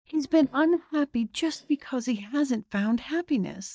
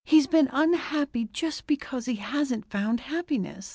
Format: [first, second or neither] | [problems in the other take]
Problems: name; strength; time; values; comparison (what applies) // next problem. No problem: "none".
second | noise reduction (neural mask model DeepFilterNet 3)